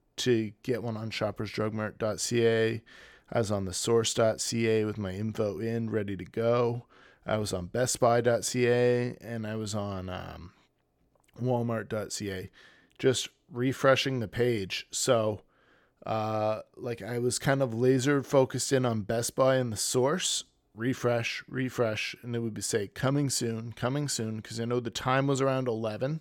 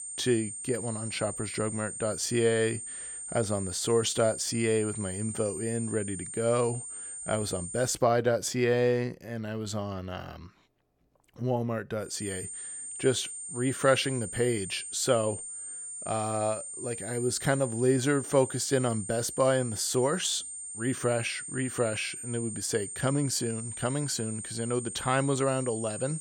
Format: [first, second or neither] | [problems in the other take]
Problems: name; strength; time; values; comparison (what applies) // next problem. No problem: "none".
first | high-pitched whine; loud; until 8 s and from 12 s on; 8.5 kHz, 7 dB below the speech